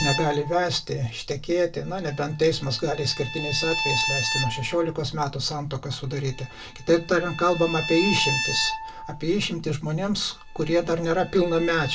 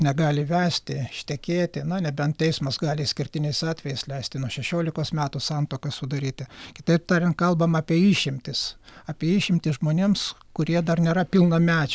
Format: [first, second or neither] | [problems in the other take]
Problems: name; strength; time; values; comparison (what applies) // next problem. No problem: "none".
second | background sound (Bowed string instrument); 7 dB below the speech // room echo; dies away in 0.2 s